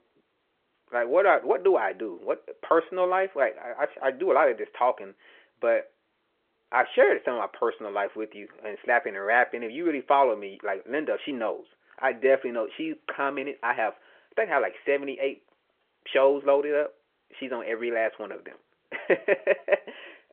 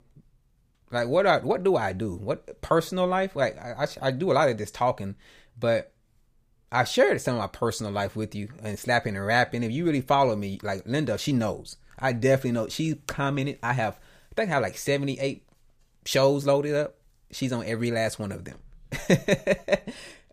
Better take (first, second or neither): second